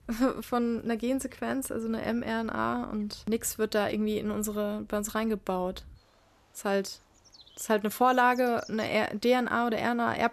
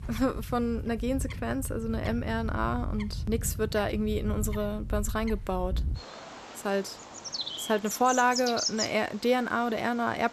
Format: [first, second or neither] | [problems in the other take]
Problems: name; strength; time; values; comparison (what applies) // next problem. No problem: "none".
first | animal sounds; loud; throughout; 6 dB below the speech; faint in the first